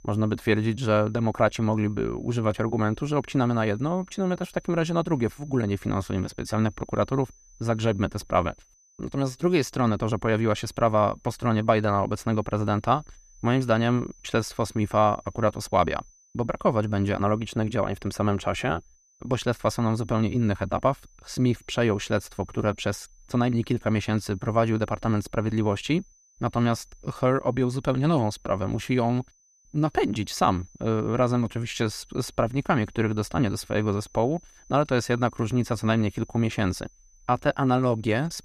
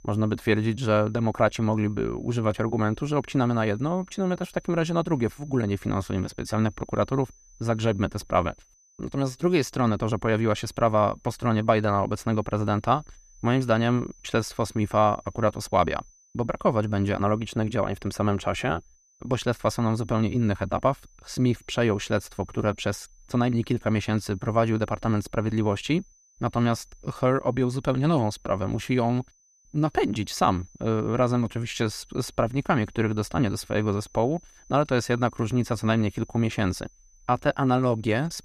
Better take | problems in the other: neither | high-pitched whine; faint; throughout; 6 kHz, 30 dB below the speech; the same in both

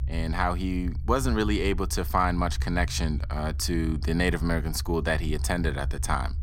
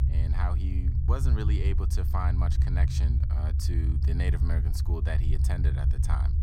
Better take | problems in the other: first | low rumble; loud; throughout; 3 dB below the speech; faint in the first

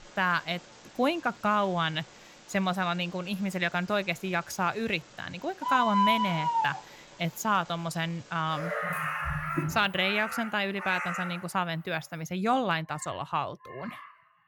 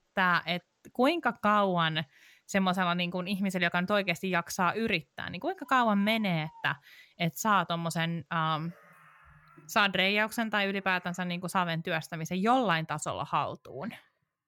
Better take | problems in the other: second | animal sounds; loud; throughout; 2 dB below the speech; faint in the second

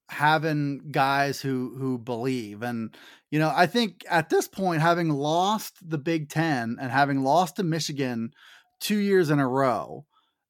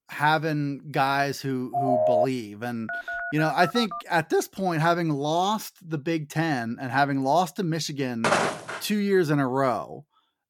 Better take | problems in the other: first | phone ringing; loud; at 1.5 s; peak 4 dB above the speech // phone ringing; noticeable; from 3 to 4 s; peak 5 dB below the speech // footsteps; loud; at 8 s; peak 3 dB above the speech

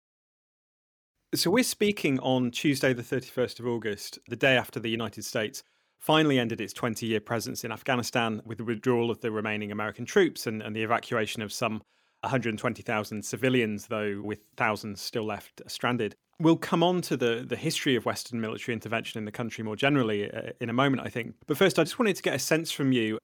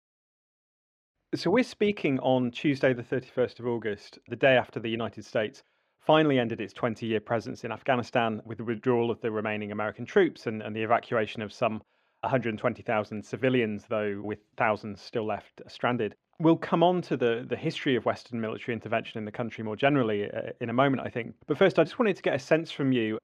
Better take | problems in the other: first | muffled; slightly; fading above 3 kHz

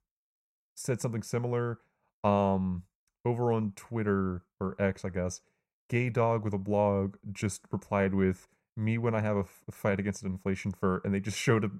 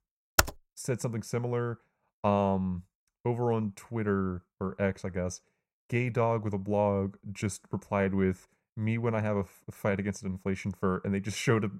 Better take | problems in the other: first | keyboard typing; very faint; at 0.5 s; peak 5 dB above the speech

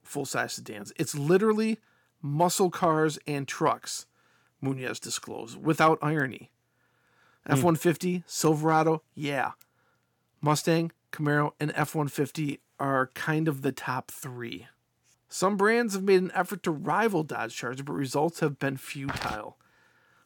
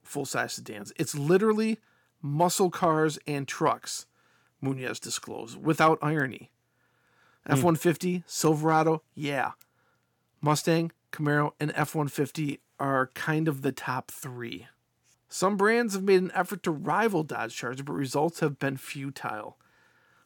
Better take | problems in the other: second | footsteps; noticeable; at 19 s; peak 8 dB below the speech

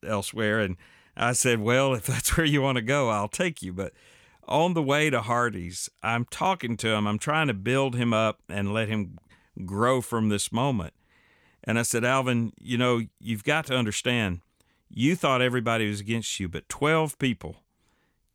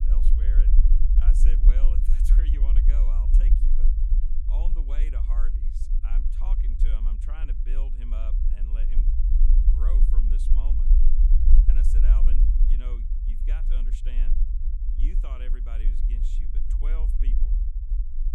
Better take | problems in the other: first | low rumble; loud; throughout; as loud as the speech

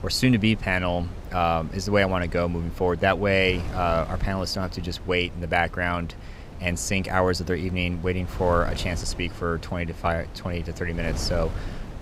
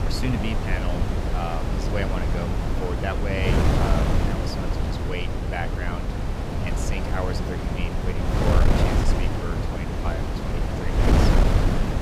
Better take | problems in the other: first | wind noise on the microphone; heavy; 3 dB above the speech; occasional gusts in the first

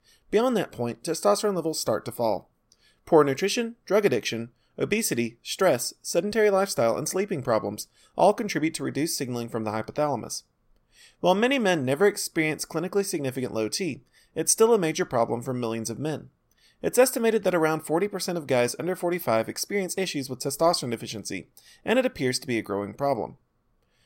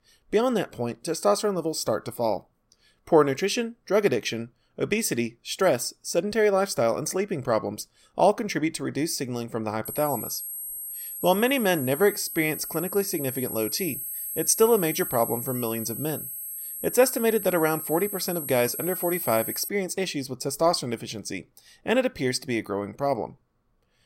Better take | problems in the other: first | high-pitched whine; loud; from 10 to 20 s; 11.5 kHz, 6 dB below the speech

